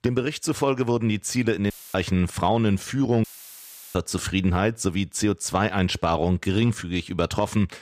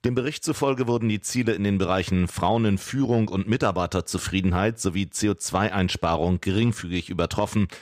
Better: second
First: audio cutting out; filled with static; at 1.5 s and at 3 s for 0.5 s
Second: none

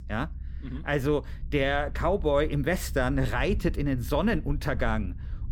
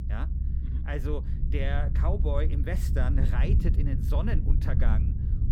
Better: first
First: low rumble; faint; throughout; 25 dB below the speech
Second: low rumble; loud; throughout; 6 dB below the speech

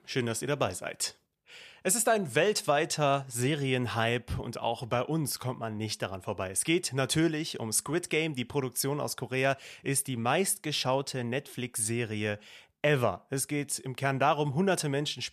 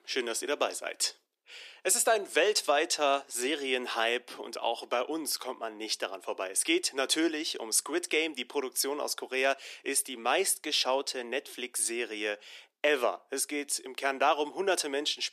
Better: first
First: none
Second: thin; somewhat; fading below 300 Hz

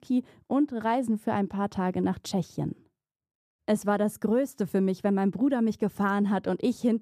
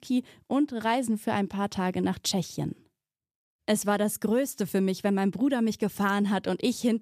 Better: second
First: muffled; slightly; fading above 1.5 kHz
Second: none

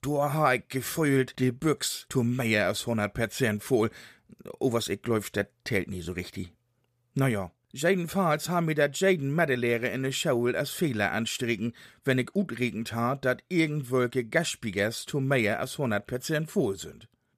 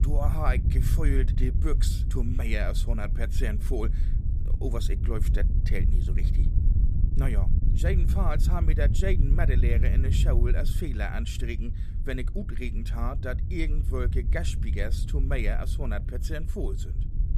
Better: first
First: none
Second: wind noise on the microphone; heavy; 8 dB below the speech

